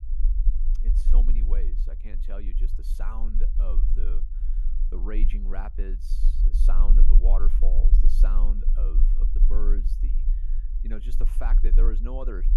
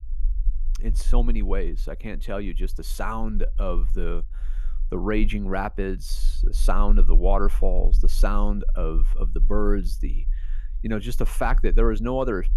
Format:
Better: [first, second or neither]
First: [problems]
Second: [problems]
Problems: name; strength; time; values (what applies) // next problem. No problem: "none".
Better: second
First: low rumble; loud; throughout; 8 dB below the speech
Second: low rumble; faint; throughout; 25 dB below the speech